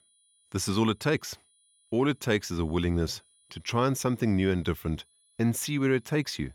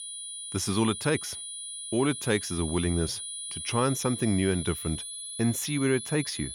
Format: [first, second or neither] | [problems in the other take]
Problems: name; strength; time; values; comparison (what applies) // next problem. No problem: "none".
first | high-pitched whine; loud; throughout; 9.5 kHz, 7 dB below the speech; faint in the first